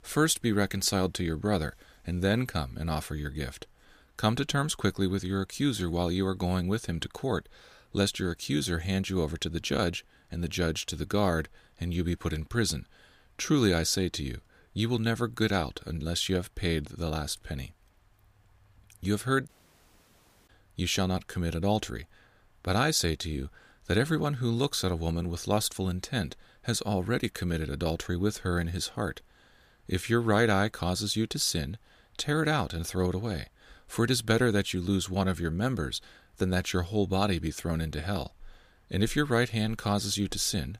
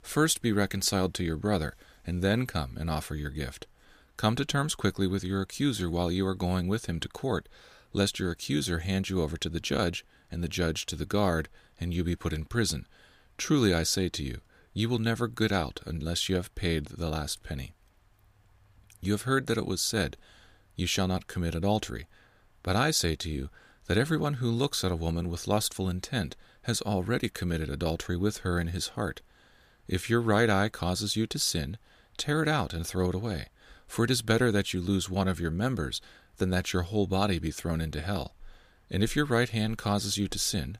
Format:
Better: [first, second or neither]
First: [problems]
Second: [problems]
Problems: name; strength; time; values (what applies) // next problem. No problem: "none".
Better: second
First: audio cutting out; at 19 s for 1 s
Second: none